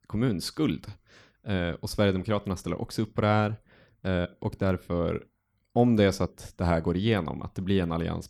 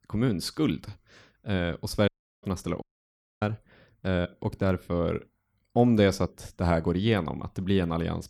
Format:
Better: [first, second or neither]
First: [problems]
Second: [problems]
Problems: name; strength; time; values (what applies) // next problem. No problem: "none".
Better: first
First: none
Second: audio cutting out; at 2 s and at 3 s for 0.5 s